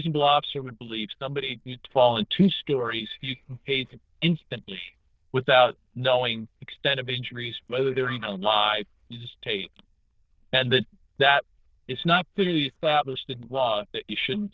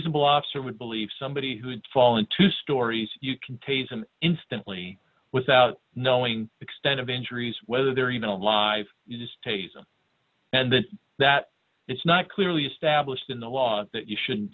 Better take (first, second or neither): second